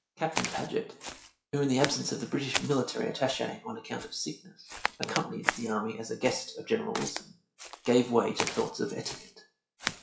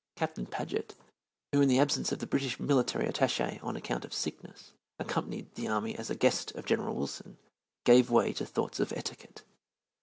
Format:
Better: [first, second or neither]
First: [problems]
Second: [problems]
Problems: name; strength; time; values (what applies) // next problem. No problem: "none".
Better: second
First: noise reduction (classical method WPE with log-MMSE)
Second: none